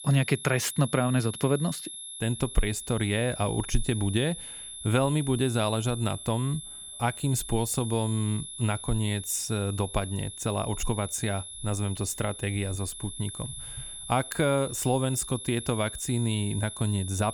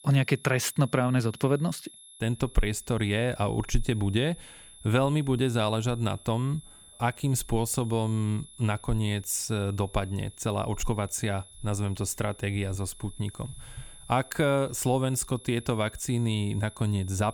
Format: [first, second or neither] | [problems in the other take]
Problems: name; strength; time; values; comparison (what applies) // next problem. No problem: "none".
second | high-pitched whine; loud; throughout; 11 kHz, 9 dB below the speech; faint in the second